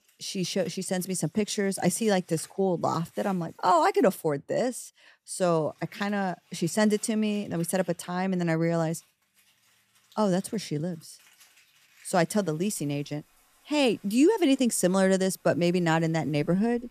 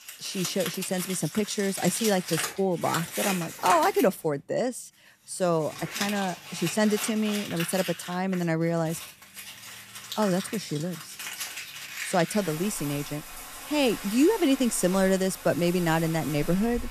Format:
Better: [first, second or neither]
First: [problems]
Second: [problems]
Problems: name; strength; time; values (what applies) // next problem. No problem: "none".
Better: first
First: household noises; faint; throughout; 30 dB below the speech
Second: household noises; loud; throughout; 8 dB below the speech